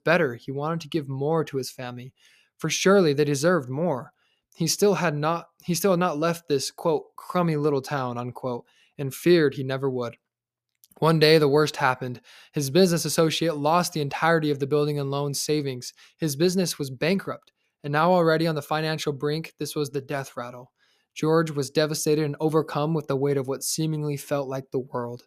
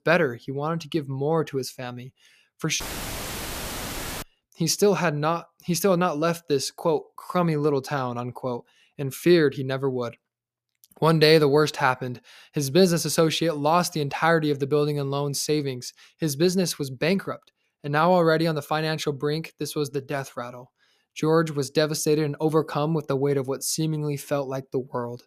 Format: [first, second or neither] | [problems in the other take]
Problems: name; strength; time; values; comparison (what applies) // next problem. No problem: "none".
first | audio cutting out; filled with static; at 3 s for 1.5 s